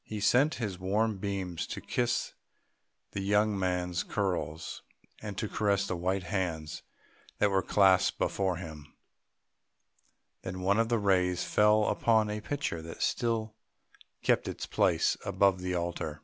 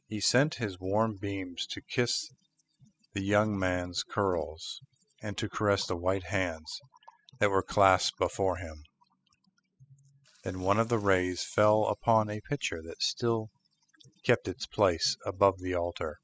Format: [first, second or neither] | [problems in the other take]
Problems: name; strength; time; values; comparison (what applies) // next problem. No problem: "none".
first | noise reduction (classical method spectral subtraction)